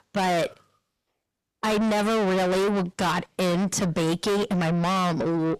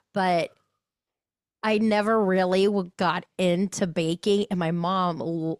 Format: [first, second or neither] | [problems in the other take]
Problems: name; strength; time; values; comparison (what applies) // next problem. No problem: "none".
second | distortion; heavy; 6 dB below the speech